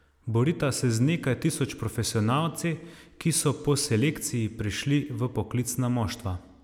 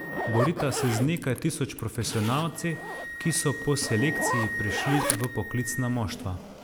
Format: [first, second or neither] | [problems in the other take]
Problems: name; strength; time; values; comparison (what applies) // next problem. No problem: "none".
first | background sound (Wind instrument, woodwind instrument + Zipper (clothing)); 5 dB below the speech